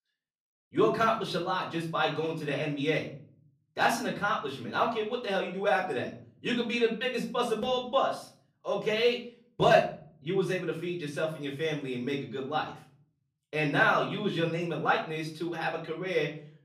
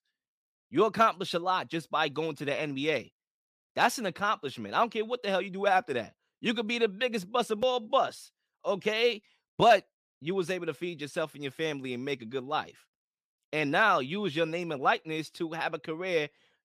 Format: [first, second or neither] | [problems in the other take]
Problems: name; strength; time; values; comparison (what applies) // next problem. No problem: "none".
second | off-mic speech; far // room echo; slight; dies away in 0.5 s